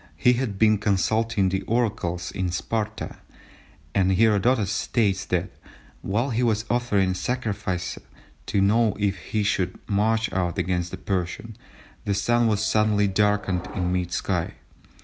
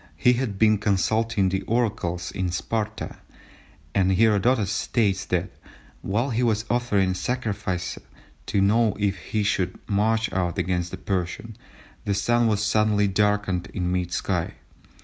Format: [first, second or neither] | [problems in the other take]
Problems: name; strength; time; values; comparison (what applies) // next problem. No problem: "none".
second | background sound (Subway, metro, underground); 18 dB below the speech